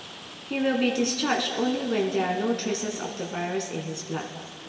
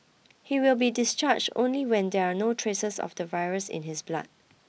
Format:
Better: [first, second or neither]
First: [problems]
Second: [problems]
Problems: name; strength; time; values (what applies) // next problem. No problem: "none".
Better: second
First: background sound (Rain); 15 dB below the speech // room echo; dies away in 2.5 s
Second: none